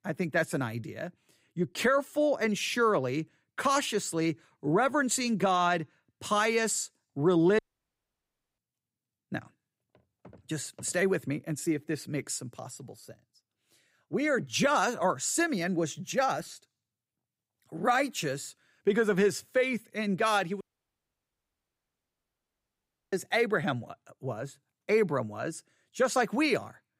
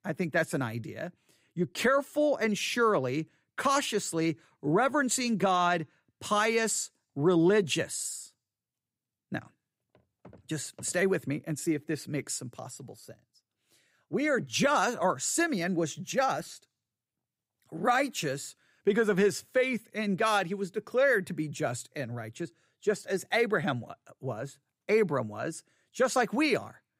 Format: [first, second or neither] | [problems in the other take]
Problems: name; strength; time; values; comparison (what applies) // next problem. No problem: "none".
second | audio cutting out; at 7.5 s for 1 s and at 21 s for 2.5 s